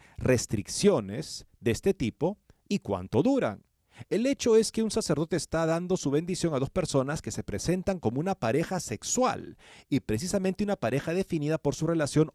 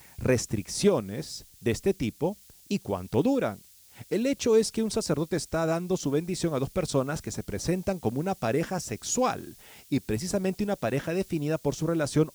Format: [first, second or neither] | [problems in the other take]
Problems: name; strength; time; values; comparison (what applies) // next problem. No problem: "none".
first | hiss; faint; throughout; 25 dB below the speech